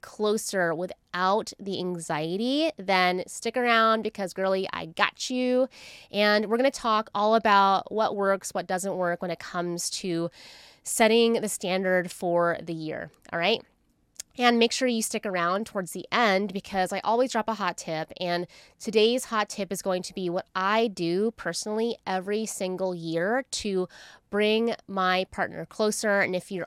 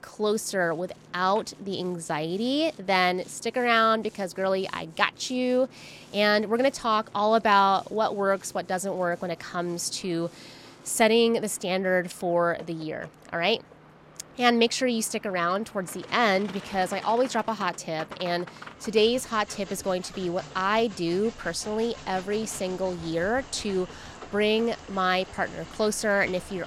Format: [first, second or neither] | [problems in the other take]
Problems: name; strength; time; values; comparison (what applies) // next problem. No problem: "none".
first | train or aircraft noise; noticeable; throughout; 20 dB below the speech